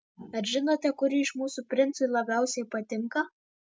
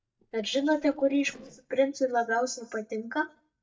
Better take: first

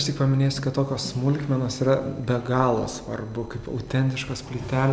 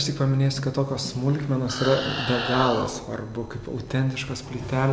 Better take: first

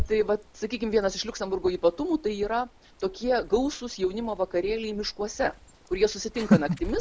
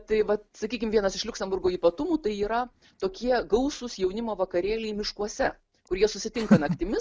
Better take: second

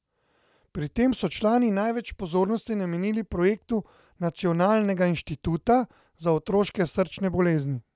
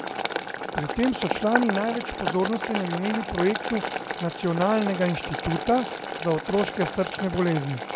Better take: first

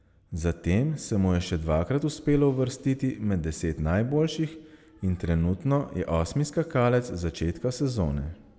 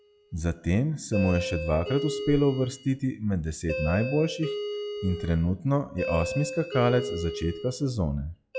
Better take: first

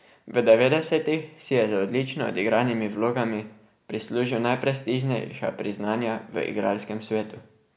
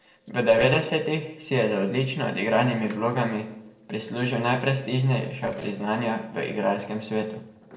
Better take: first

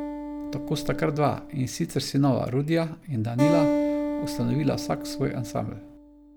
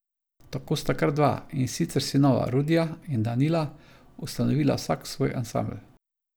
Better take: second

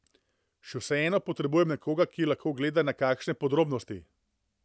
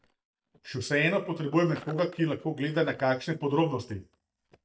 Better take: first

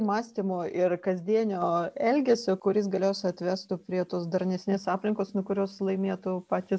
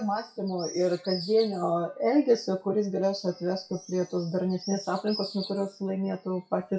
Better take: first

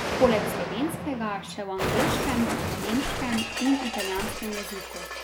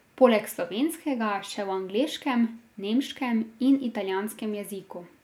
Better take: second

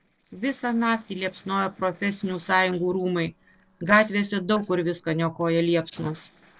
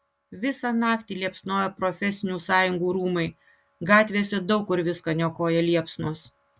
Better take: second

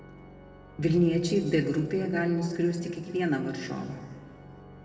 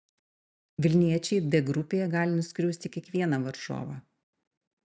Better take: second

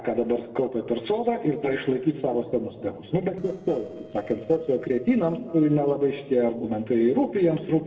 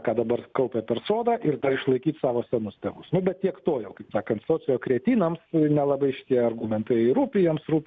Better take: second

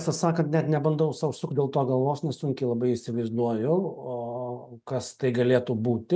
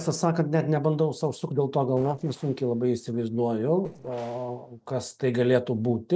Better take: first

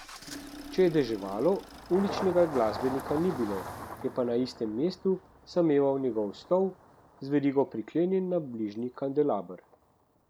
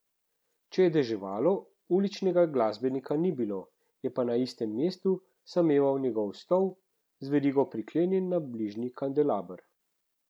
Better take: second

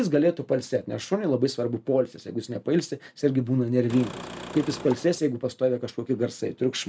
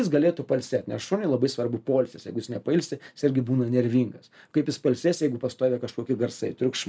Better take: second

